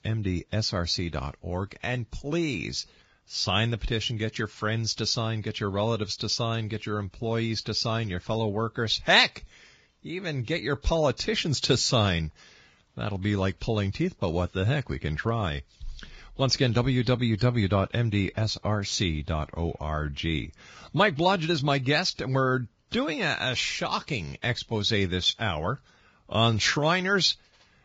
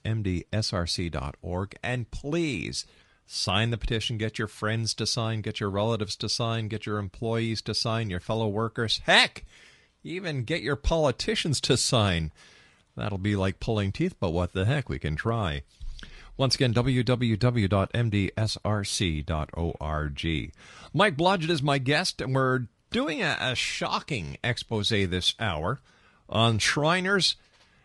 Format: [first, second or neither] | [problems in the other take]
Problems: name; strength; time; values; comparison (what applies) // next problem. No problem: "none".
second | garbled, watery; badly; nothing above 7.5 kHz; slightly in the second